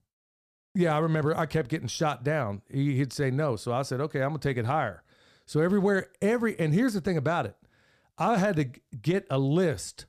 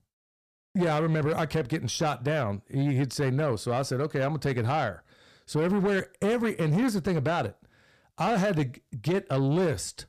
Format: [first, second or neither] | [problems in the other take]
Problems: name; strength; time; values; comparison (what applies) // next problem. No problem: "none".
first | distortion; slight; 10 dB below the speech